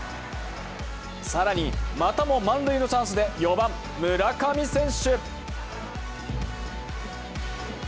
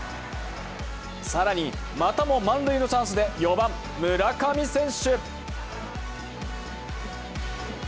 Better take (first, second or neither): second